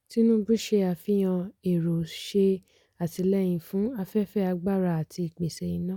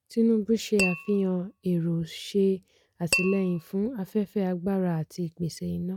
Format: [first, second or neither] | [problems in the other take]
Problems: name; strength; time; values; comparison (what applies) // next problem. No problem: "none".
first | noise reduction (neural mask model RNNoise)